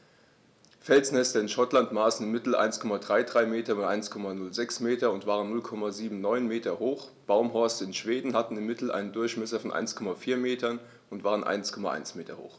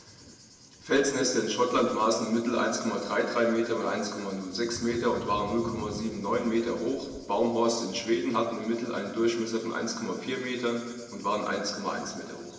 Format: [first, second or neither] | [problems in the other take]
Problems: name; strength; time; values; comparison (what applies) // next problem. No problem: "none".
first | background sound (Thunder / Cricket); 19 dB below the speech // room echo; dies away in 1.3 s